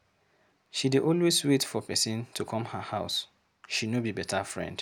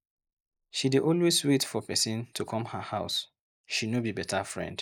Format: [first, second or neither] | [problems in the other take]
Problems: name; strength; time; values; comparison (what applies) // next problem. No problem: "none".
first | noise reduction (neural mask model Resemble Enhance denoiser)